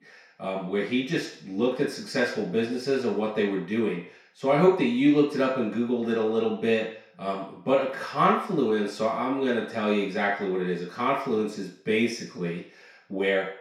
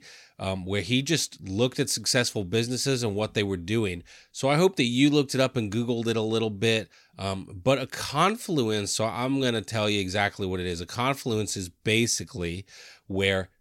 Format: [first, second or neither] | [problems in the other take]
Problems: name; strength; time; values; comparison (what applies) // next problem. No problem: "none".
second | room echo; noticeable; dies away in 0.6 s // off-mic speech; far